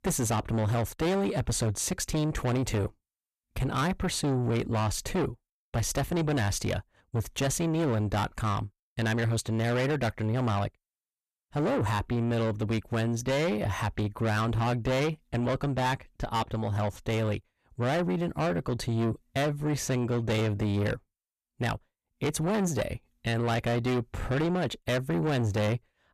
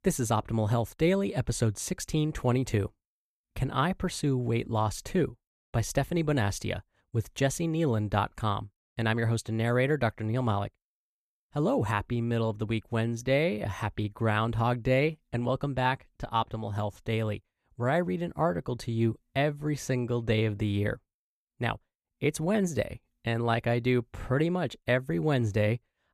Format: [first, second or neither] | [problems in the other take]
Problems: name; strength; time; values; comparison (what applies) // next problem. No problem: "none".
second | distortion; heavy; 7 dB below the speech